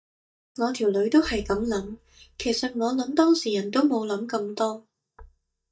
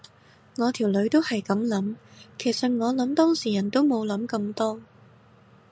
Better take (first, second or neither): second